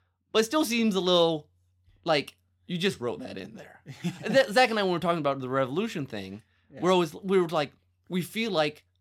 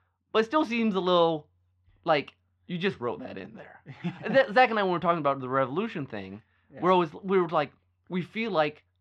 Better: first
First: none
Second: muffled; slightly; fading above 2.5 kHz

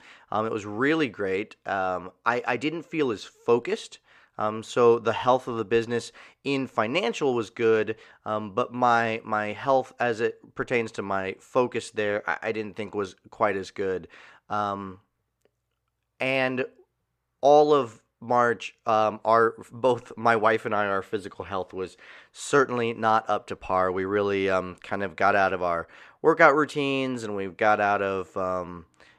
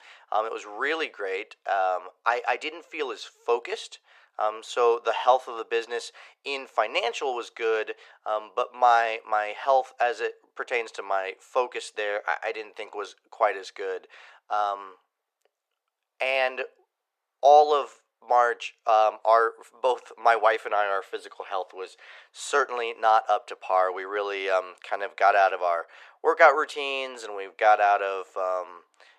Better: first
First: none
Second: thin; very; fading below 450 Hz

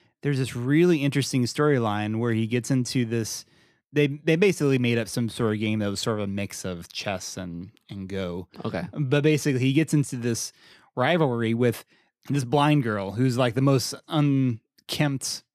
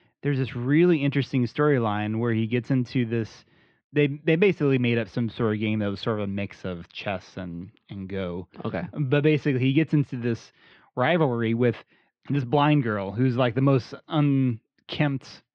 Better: first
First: none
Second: muffled; slightly; fading above 3.5 kHz

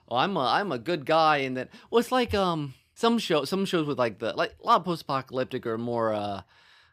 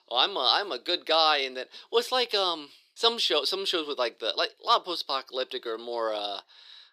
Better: first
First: none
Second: thin; very; fading below 400 Hz

